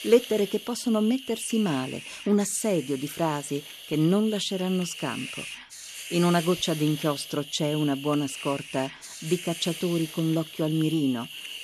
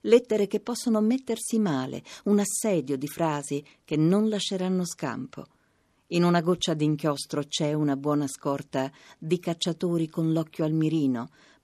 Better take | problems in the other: second | hiss; noticeable; throughout; 10 dB below the speech

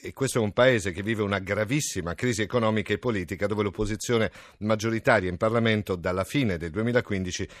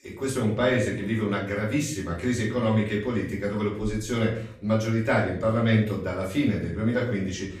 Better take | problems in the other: first | room echo; slight; dies away in 0.6 s // off-mic speech; far

